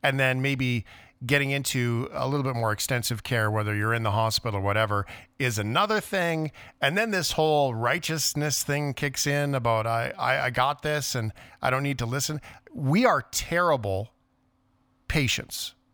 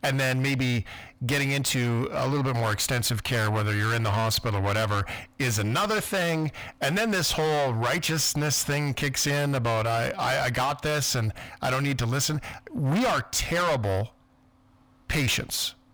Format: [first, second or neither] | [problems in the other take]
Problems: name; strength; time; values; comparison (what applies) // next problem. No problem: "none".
first | distortion; heavy; 6 dB below the speech